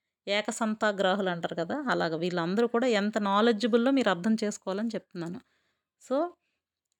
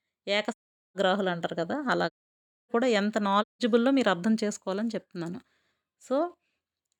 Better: first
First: none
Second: audio cutting out; at 0.5 s, at 2 s for 0.5 s and at 3.5 s

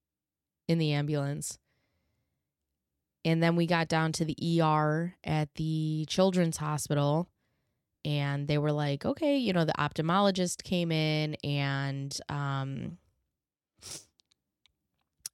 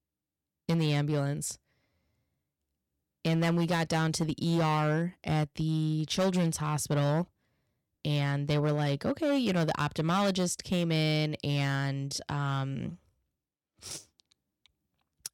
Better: first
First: none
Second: distortion; slight; 7% of the sound clipped

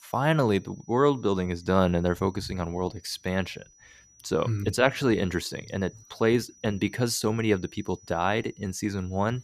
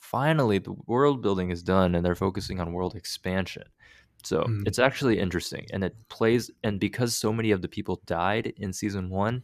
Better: second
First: high-pitched whine; faint; throughout; 6 kHz, 25 dB below the speech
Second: none

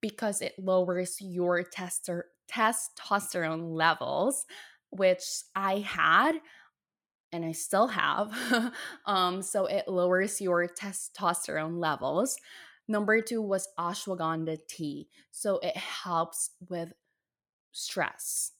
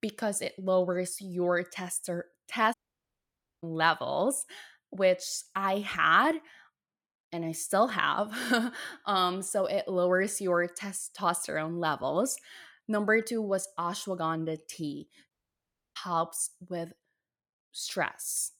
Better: first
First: none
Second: audio cutting out; at 2.5 s for 1 s and at 15 s for 0.5 s

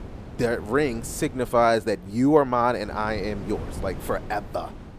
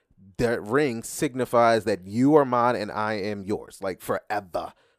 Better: second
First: wind noise on the microphone; occasional gusts; 20 dB below the speech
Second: none

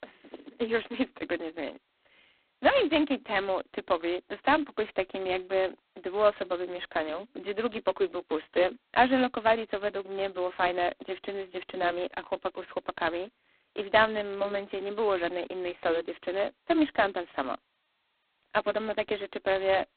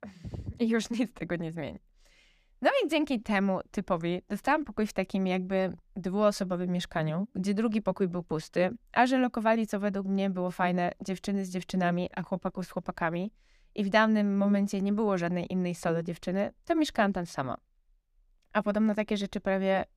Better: second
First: phone-call audio; poor line; nothing above 4 kHz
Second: none

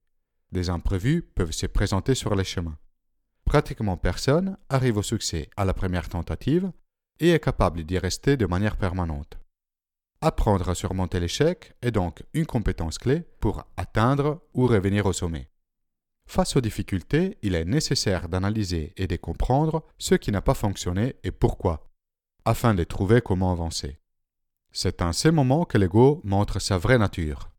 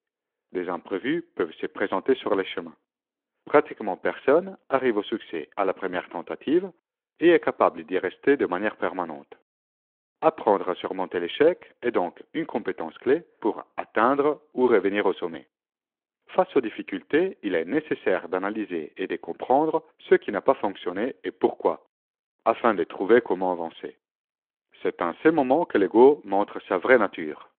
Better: first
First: none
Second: phone-call audio

